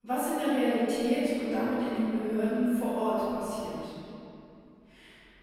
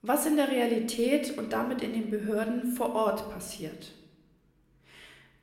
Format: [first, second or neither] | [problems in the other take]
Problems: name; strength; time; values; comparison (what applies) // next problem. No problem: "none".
second | room echo; strong; dies away in 2.6 s; slight in the second // off-mic speech; far